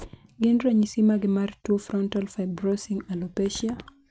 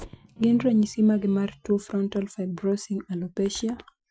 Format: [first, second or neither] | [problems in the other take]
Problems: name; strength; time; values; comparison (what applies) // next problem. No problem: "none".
first | noise reduction (classical method Wiener filter)